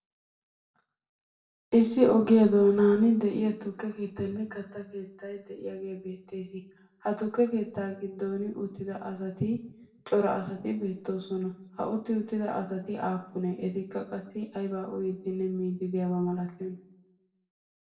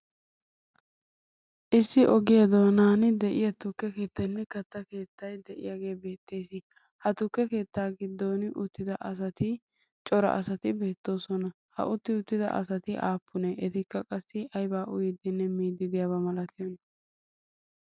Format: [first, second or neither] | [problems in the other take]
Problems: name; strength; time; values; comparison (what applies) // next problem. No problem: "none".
second | room echo; dies away in 0.6 s